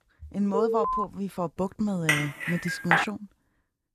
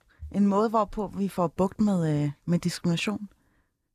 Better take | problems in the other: second | alarm; loud; at 0.5 s; peak 4 dB above the speech // clattering dishes; loud; at 2 s; peak 6 dB above the speech

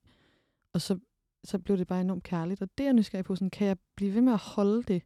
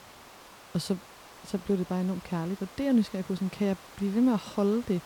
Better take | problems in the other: first | hiss; noticeable; throughout; 20 dB below the speech

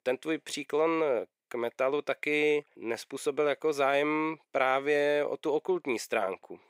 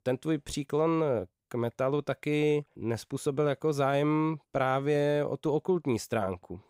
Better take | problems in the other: second | thin; somewhat; fading below 400 Hz

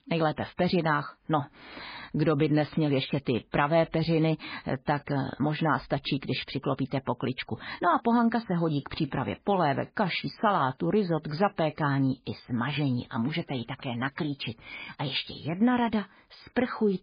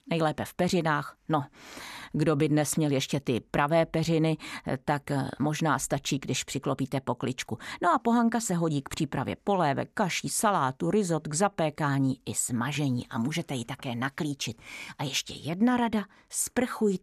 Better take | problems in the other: second | garbled, watery; badly; nothing above 5 kHz

